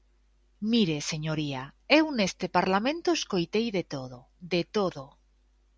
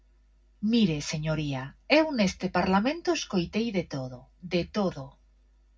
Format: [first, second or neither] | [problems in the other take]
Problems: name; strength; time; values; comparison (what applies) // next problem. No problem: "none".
first | room echo; dies away in 0.4 s